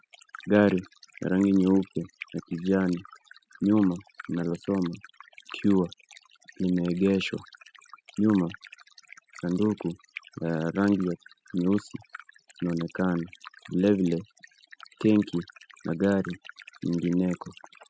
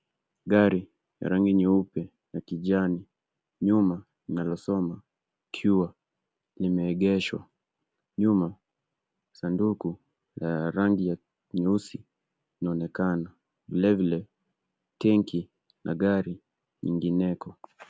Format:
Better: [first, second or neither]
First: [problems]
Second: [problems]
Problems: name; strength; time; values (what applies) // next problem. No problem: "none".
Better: second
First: noise reduction (classical method spectral subtraction)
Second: none